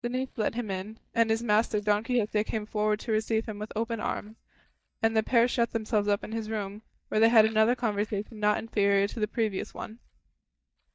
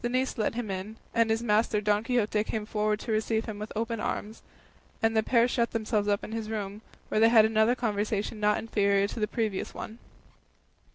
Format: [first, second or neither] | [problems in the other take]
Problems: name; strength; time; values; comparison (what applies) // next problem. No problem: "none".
second | noise reduction (neural mask model DeepFilterNet 3)